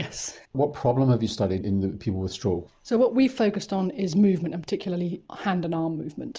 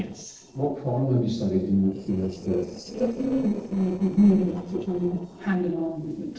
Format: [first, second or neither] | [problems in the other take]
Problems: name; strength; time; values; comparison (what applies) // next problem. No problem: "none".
first | noise reduction (neural separator model SepFormer DNS4)